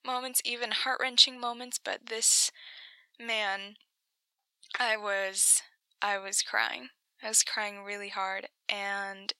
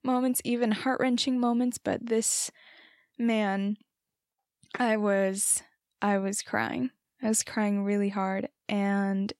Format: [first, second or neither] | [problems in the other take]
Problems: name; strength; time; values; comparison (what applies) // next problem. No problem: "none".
second | thin; very; fading below 900 Hz